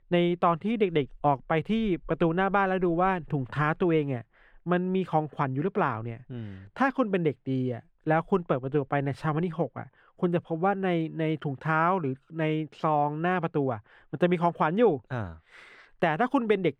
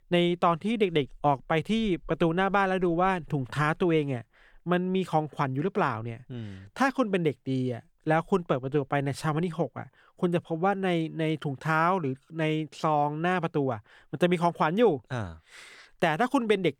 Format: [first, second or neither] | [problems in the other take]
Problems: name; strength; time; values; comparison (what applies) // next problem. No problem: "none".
second | muffled; slightly; fading above 4 kHz